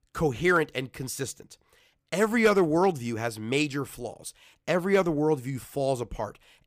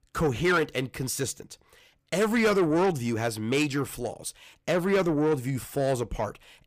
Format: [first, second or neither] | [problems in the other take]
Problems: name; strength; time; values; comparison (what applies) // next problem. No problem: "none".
first | distortion; slight; 10 dB below the speech